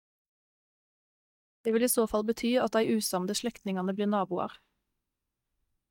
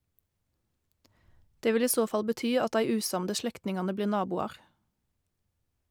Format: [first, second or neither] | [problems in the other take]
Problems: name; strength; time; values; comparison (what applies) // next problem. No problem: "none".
second | noise reduction (neural mask model DeepFilterNet 3)